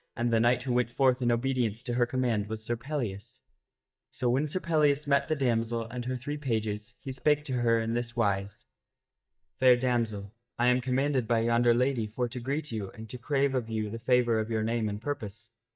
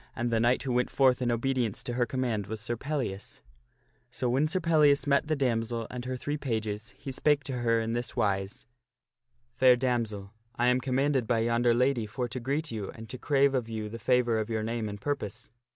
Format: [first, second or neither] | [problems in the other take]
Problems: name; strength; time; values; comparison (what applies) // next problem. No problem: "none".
second | noise reduction (neural mask model DeepFilterNet 3)